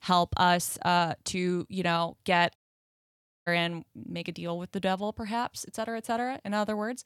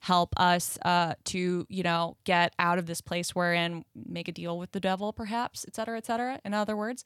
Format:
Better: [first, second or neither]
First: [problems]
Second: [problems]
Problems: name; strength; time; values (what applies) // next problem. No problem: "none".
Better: second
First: audio cutting out; at 2.5 s for 1 s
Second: none